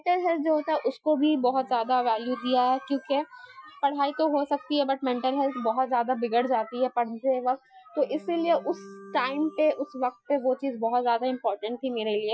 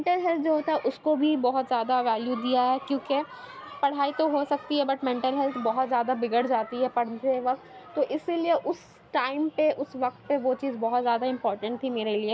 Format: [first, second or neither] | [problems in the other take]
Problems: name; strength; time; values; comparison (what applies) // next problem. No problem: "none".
second | noise reduction (classical method Wiener filter)